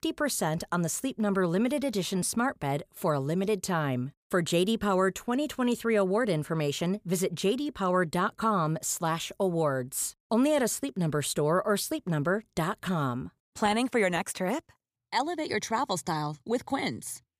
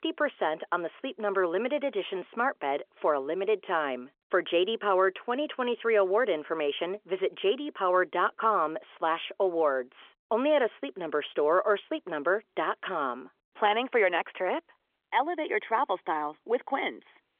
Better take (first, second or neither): first